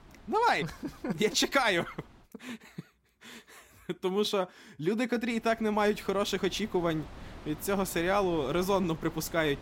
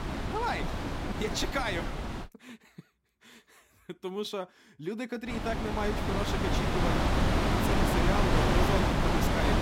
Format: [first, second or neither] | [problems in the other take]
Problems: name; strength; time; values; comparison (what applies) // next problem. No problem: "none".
first | wind noise on the microphone; heavy; until 2 s and from 5.5 s on; 4 dB above the speech; occasional gusts in the first